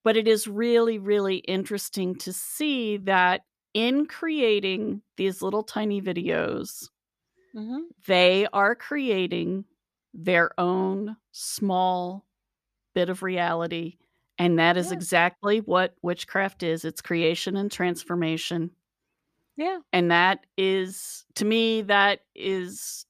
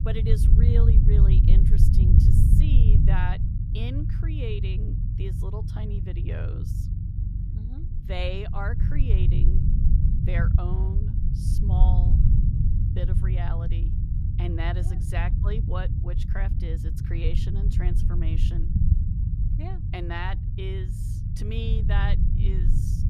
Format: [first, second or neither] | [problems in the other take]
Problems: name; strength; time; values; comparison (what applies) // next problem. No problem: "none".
first | low rumble; loud; throughout; 2 dB below the speech